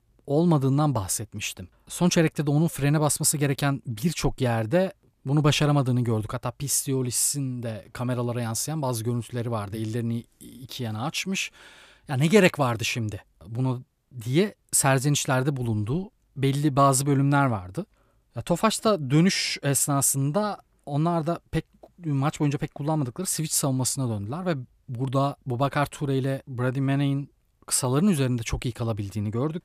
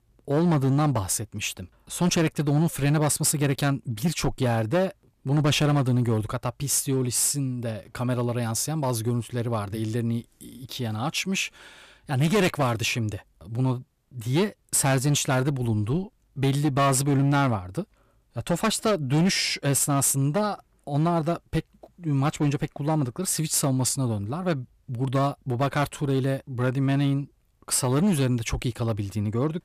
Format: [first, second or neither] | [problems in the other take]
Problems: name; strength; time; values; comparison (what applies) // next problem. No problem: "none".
first | distortion; slight; 7% of the sound clipped